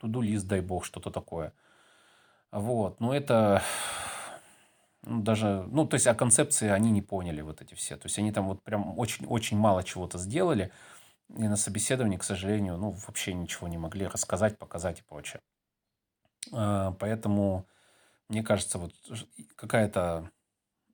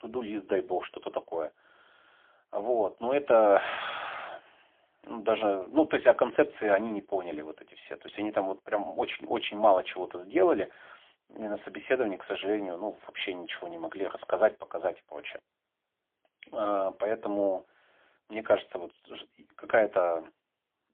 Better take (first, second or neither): first